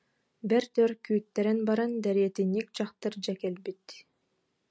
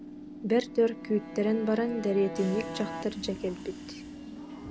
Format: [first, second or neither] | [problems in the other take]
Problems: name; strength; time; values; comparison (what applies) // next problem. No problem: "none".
first | background sound (Subway, metro, underground / Train + Bowed string instrument); 10 dB below the speech